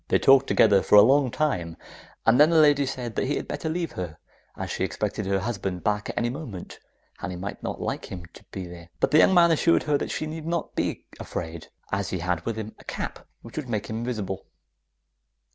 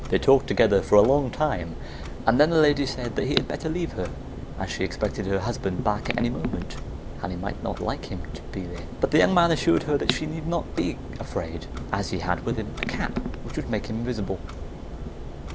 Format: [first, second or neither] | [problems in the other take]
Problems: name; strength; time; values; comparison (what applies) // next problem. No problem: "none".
first | background sound (Clock); 7 dB below the speech